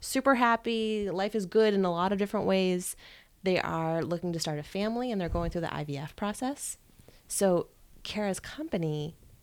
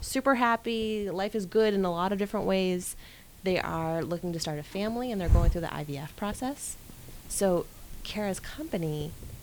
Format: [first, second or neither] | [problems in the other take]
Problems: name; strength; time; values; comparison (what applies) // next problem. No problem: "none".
first | hiss; loud; throughout; 7 dB below the speech; faint in the first